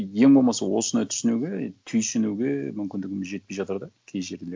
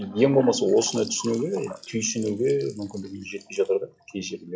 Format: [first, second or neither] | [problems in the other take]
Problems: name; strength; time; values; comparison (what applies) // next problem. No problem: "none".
first | noise reduction (classical method WPE with log-MMSE)